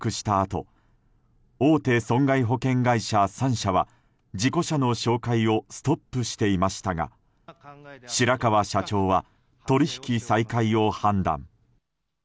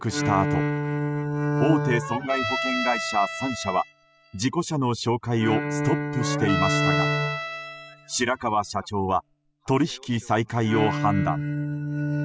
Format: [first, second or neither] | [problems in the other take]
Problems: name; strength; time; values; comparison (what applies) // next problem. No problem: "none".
first | noise reduction (classical method spectral subtraction)